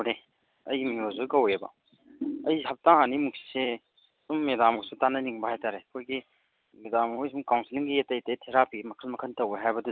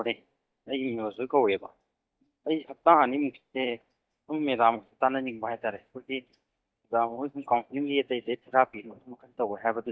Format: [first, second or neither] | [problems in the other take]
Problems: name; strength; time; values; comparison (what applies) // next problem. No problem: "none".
first | noise reduction (neural mask model DeepFilterNet 3)